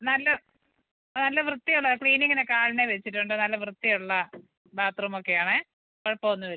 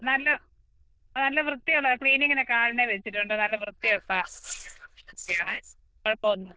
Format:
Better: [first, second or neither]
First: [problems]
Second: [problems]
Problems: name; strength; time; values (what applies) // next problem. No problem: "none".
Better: first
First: none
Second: noise reduction (neural diffusion model UNIVERSE++)